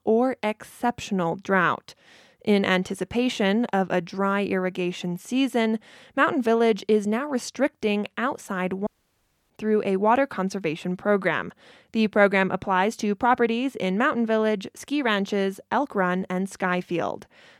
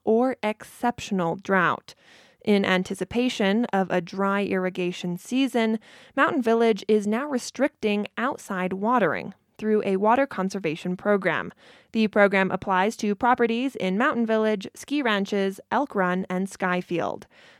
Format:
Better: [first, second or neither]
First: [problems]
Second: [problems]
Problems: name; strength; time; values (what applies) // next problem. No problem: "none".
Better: second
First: audio cutting out; at 9 s for 0.5 s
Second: none